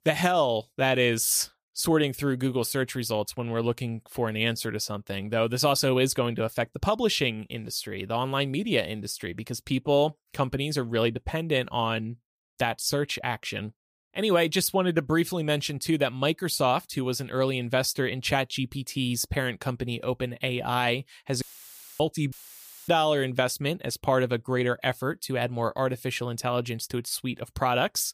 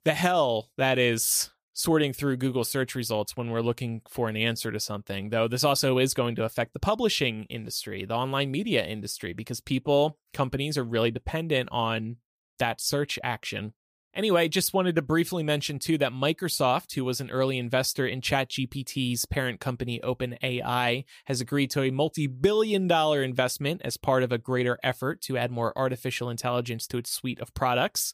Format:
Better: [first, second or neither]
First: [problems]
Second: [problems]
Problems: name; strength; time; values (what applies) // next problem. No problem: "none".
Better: second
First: audio cutting out; filled with static; at 21 s for 0.5 s and at 22 s for 0.5 s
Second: none